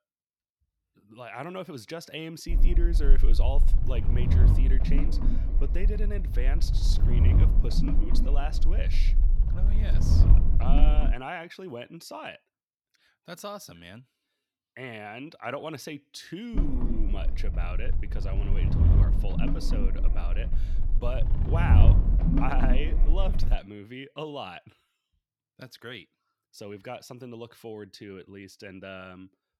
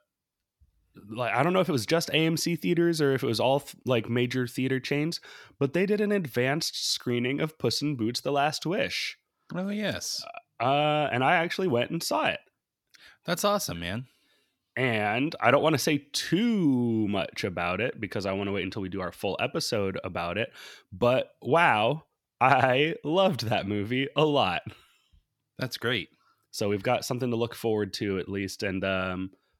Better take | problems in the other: second | low rumble; loud; from 2.5 to 11 s and from 17 to 24 s; 3 dB below the speech

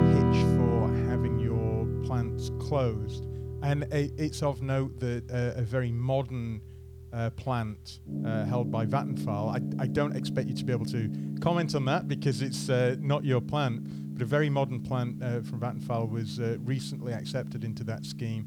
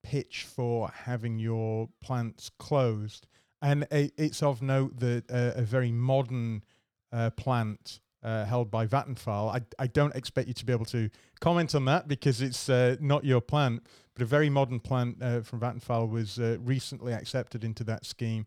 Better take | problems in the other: second | background music; loud; throughout; 1 dB below the speech

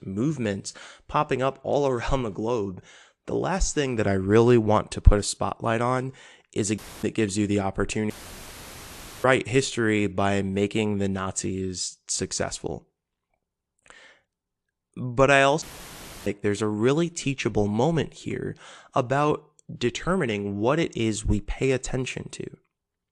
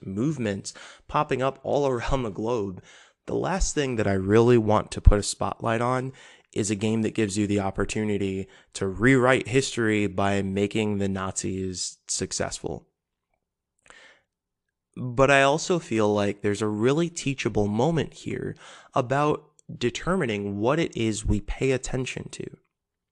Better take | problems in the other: second | audio cutting out; filled with static; at 7 s, at 8 s for 1 s and at 16 s for 0.5 s

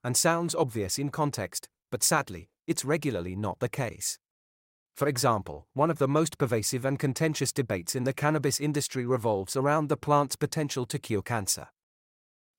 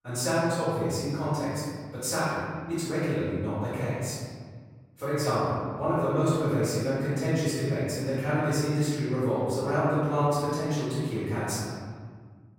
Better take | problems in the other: first | off-mic speech; far // room echo; strong; dies away in 1.9 s

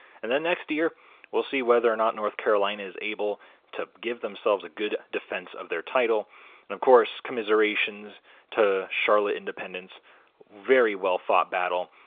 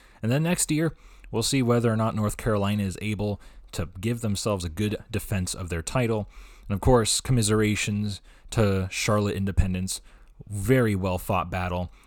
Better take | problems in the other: second | phone-call audio; nothing above 3.5 kHz

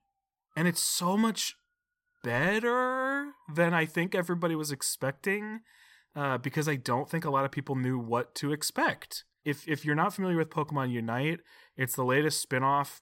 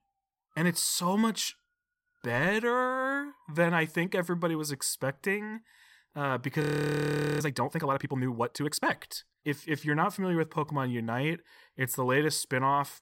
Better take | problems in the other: first | audio freezing; at 6.5 s for 1 s

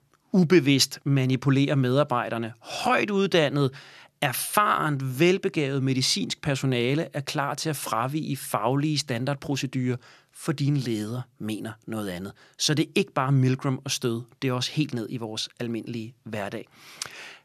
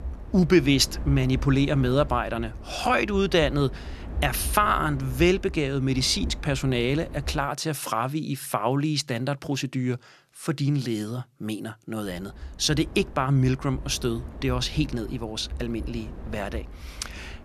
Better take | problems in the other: first | wind noise on the microphone; occasional gusts; until 7.5 s and from 12 s on; 20 dB below the speech

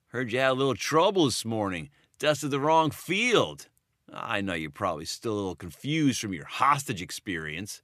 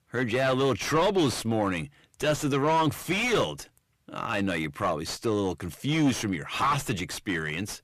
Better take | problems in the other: first | distortion; heavy; 6 dB below the speech

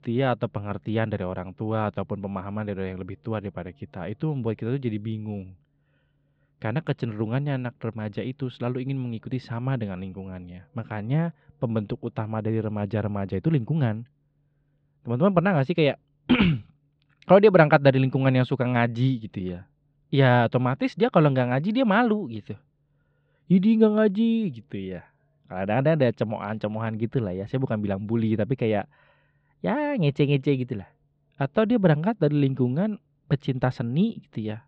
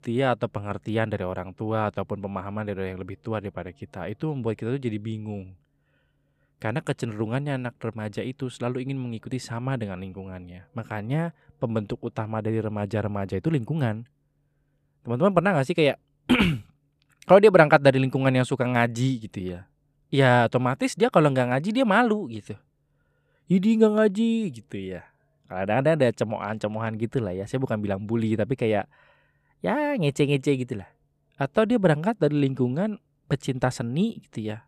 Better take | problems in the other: second | muffled; very slightly; fading above 4 kHz

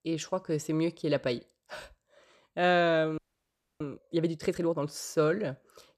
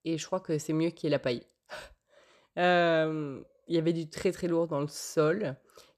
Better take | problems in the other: second | audio freezing; at 3 s for 0.5 s

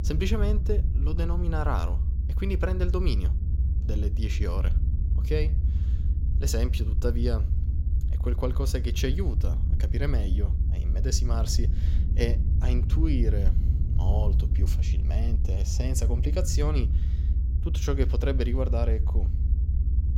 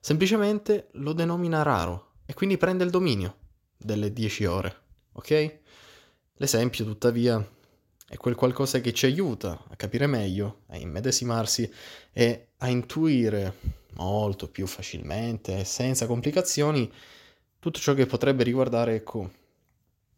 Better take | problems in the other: second | low rumble; loud; throughout; 9 dB below the speech

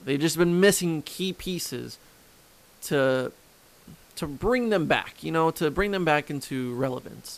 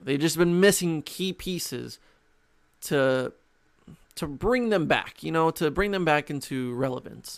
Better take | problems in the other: second | hiss; faint; throughout; 30 dB below the speech

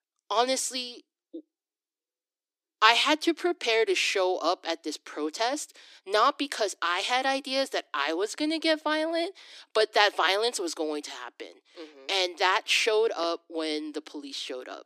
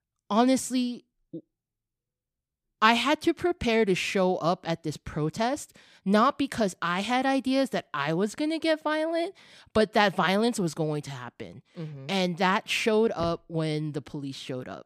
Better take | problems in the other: second | thin; somewhat; fading below 300 Hz

